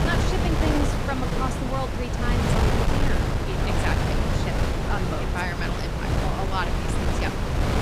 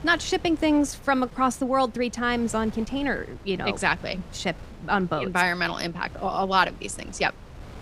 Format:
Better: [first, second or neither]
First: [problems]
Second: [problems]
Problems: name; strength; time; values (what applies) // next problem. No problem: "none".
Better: second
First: wind noise on the microphone; heavy; 2 dB above the speech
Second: wind noise on the microphone; occasional gusts; 25 dB below the speech